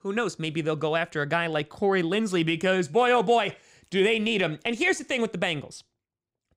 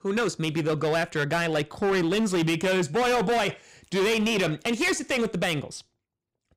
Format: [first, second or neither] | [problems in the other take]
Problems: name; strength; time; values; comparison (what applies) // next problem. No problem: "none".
first | distortion; heavy; 19% of the sound clipped